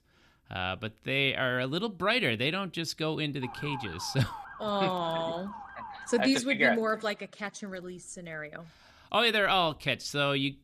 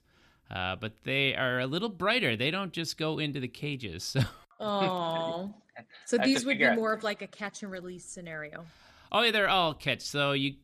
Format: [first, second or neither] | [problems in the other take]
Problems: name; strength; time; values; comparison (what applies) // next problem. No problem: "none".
second | siren; faint; from 3.5 to 6.5 s; peak 10 dB below the speech